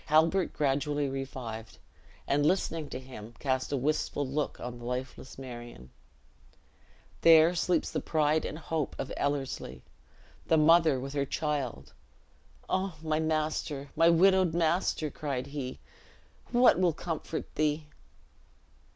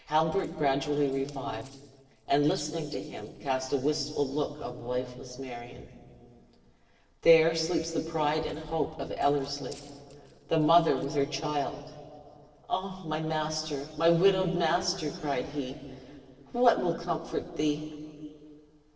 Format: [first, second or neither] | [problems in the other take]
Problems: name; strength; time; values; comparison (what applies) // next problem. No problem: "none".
first | noise reduction (neural separator model SepFormer DNS4)